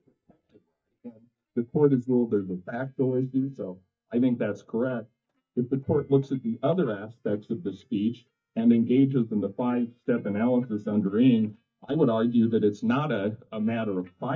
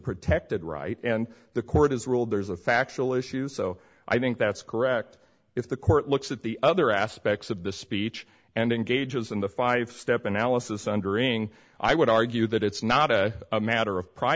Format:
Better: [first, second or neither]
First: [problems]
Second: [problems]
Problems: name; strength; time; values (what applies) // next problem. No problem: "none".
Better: second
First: noise reduction (neural mask model DeepFilterNet 3)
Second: none